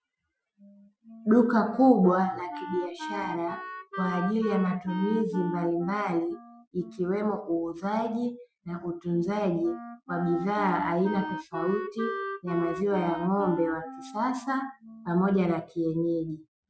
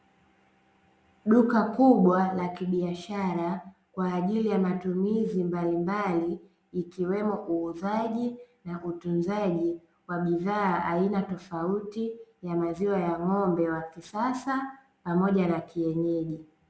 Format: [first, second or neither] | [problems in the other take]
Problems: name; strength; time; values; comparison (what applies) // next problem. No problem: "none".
second | noise reduction (classical method Wiener filter)